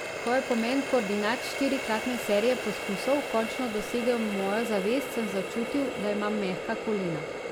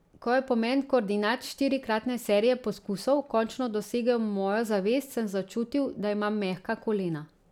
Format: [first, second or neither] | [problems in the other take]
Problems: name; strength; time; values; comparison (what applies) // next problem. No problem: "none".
second | background sound (Water tap, faucet); 5 dB below the speech